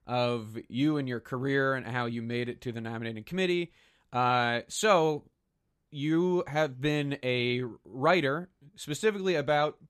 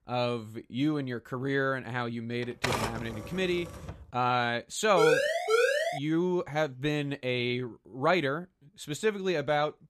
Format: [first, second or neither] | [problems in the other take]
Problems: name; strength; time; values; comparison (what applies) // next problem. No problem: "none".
first | keyboard typing; noticeable; from 2.5 to 4 s; peak level with the speech // siren; loud; from 5 to 6 s; peak 5 dB above the speech